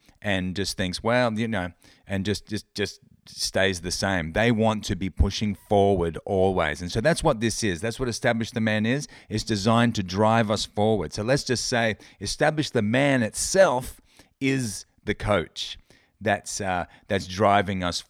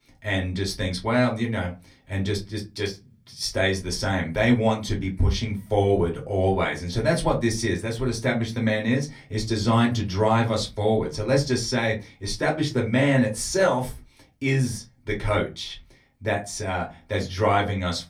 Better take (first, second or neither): first